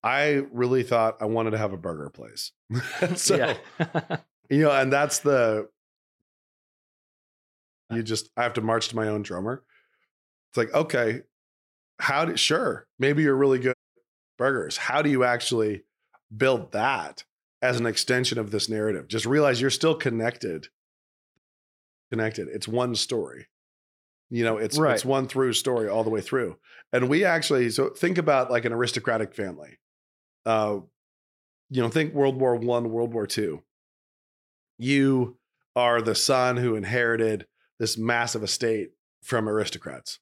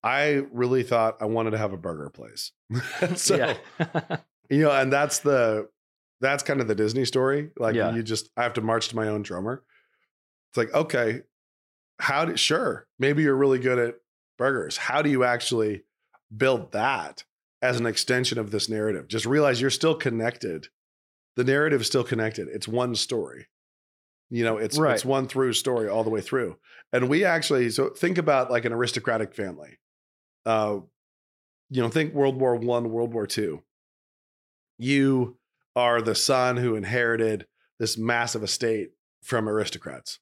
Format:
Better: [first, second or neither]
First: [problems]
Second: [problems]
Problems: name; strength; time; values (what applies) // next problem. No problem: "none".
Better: second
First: audio cutting out; at 6 s for 1.5 s, at 14 s and at 21 s for 0.5 s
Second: none